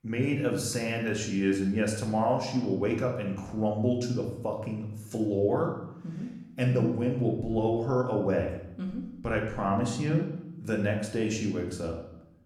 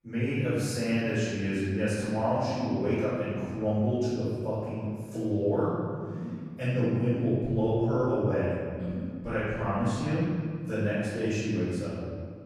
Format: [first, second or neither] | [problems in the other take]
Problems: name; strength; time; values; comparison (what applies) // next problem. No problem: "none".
first | room echo; strong; dies away in 2 s; slight in the first // off-mic speech; far; somewhat distant in the first